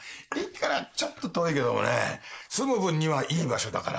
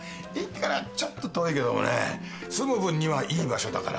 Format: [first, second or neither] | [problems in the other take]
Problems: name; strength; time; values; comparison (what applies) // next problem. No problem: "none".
second | noise reduction (neural mask model Resemble Enhance denoiser)